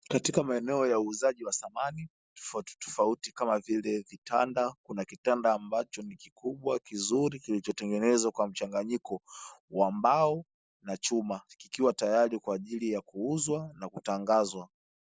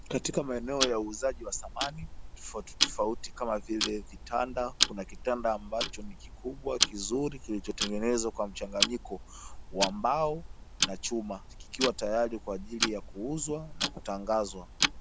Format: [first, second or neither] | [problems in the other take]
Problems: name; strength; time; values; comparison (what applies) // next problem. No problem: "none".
first | background sound (Tick-tock); 2 dB below the speech